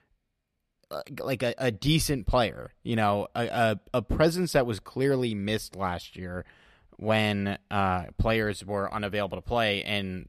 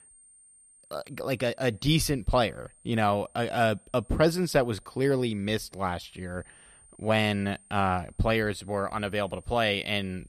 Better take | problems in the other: first | high-pitched whine; faint; throughout; 9 kHz, 30 dB below the speech

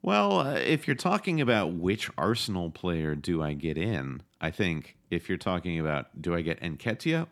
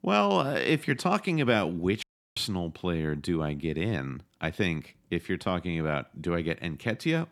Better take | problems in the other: first | audio cutting out; at 2 s

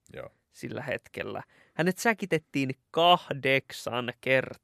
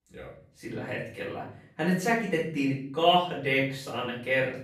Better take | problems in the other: first | off-mic speech; far // room echo; noticeable; dies away in 0.6 s

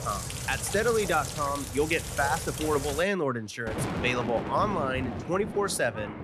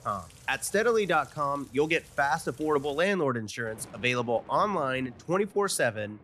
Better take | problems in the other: second | rain or running water; loud; throughout; 6 dB below the speech; faint in the second

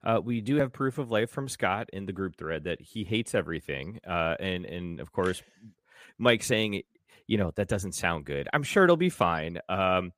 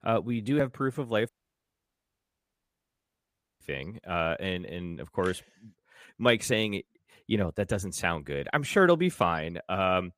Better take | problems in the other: first | audio cutting out; at 1.5 s for 2.5 s

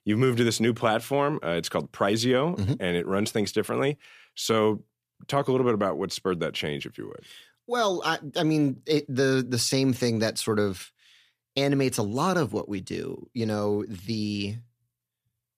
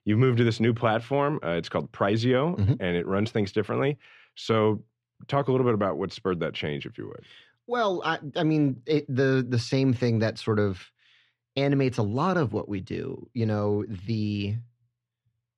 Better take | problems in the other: first | muffled; slightly; fading above 3 kHz

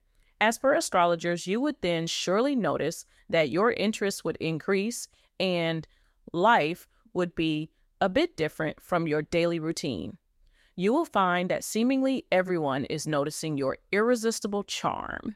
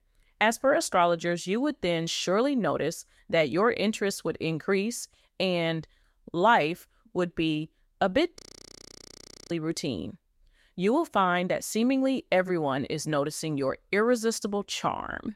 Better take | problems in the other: first | audio freezing; at 8.5 s for 1 s

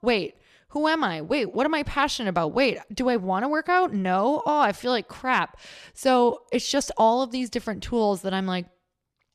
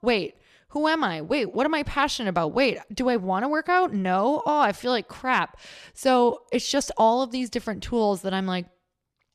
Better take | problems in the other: neither | none

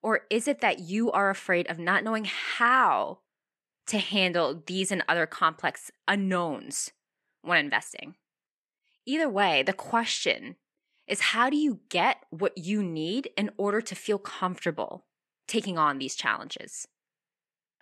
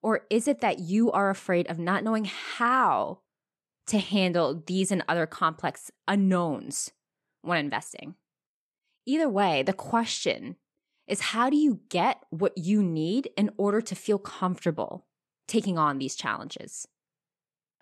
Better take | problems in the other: second | thin; very slightly; fading below 550 Hz

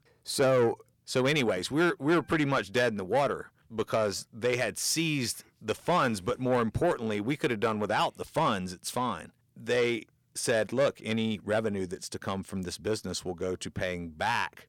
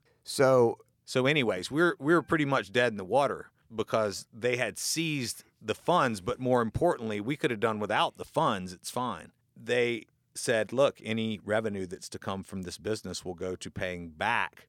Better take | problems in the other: second | distortion; slight; 10 dB below the speech

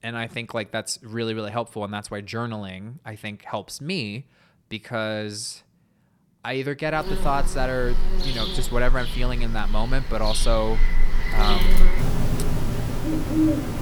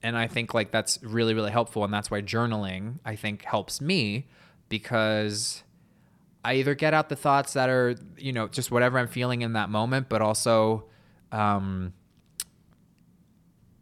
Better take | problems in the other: second | animal sounds; very loud; from 7 s on; 2 dB above the speech

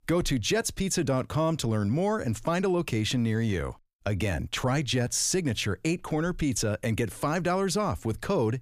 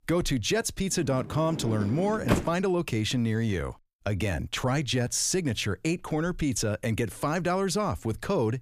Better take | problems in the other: first | door banging; noticeable; from 1.5 to 2.5 s; peak 1 dB below the speech

